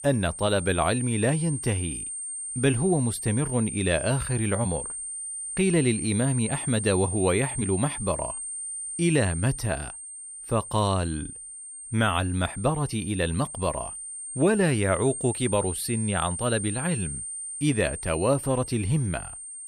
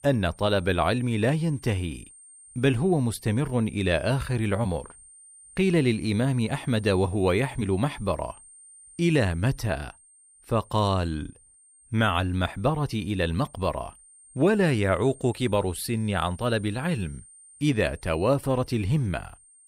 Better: second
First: high-pitched whine; loud; throughout; 9 kHz, 7 dB below the speech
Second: high-pitched whine; faint; throughout; 9 kHz, 25 dB below the speech

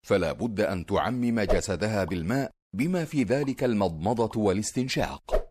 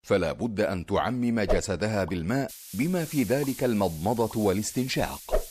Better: first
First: none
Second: hiss; noticeable; from 2.5 s on; 15 dB below the speech

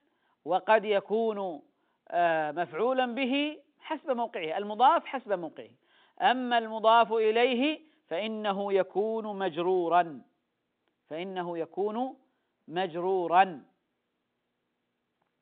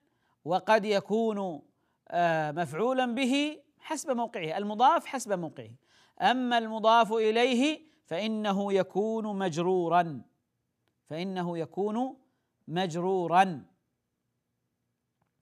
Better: second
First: phone-call audio; nothing above 3.5 kHz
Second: none

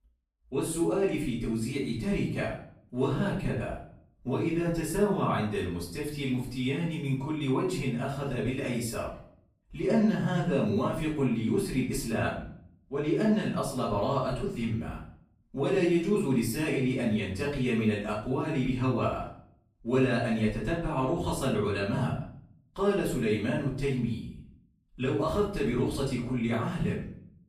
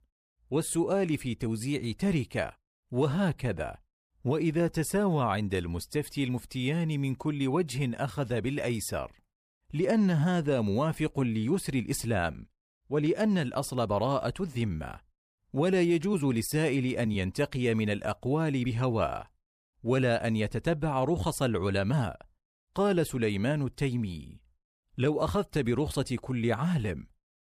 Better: second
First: off-mic speech; far // room echo; noticeable; dies away in 0.5 s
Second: none

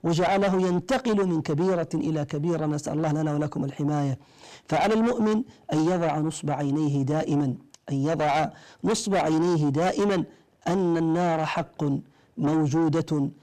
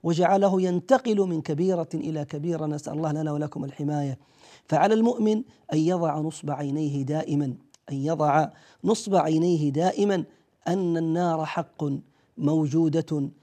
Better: second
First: distortion; heavy; 8 dB below the speech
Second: none

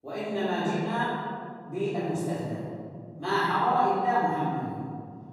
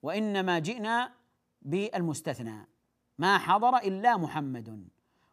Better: second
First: room echo; strong; dies away in 2.2 s // off-mic speech; far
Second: none

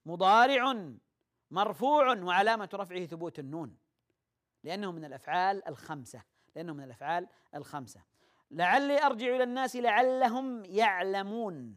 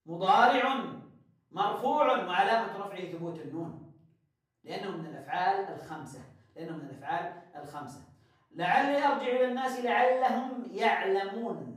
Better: first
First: none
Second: room echo; noticeable; dies away in 0.5 s // off-mic speech; far

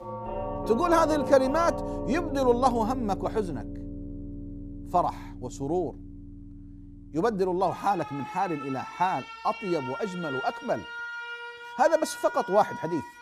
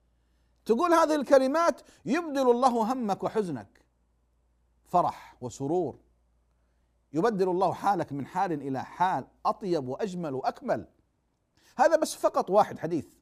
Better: second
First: alarms or sirens; loud; throughout; 10 dB below the speech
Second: none

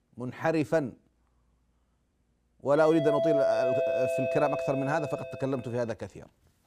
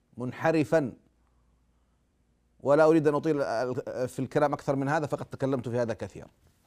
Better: second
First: doorbell; loud; from 3 to 5.5 s; peak 3 dB above the speech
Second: none

